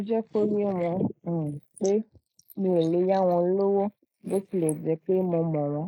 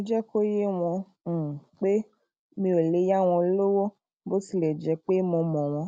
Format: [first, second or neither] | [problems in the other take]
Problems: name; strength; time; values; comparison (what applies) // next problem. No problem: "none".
second | noise reduction (neural mask model Resemble Enhance denoiser)